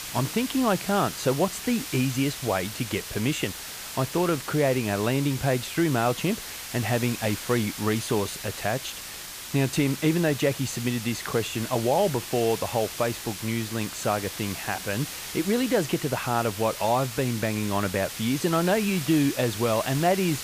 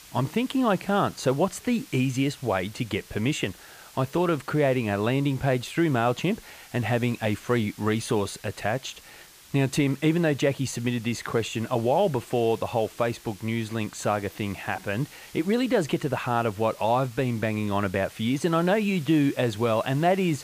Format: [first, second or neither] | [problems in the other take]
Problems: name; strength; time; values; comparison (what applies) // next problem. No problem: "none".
second | hiss; loud; throughout; 8 dB below the speech; faint in the second